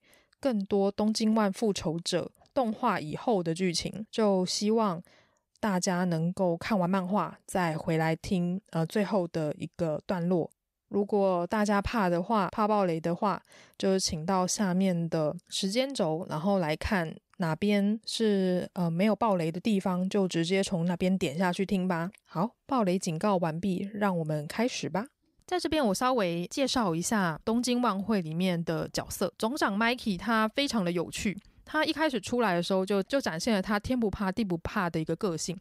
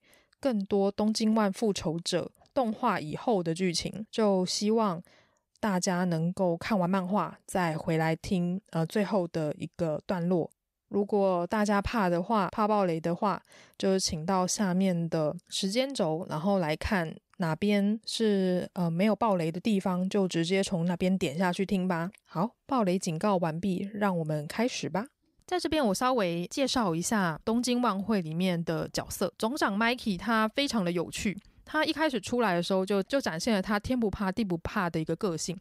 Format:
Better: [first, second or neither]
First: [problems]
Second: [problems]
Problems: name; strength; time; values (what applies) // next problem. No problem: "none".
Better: neither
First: none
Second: none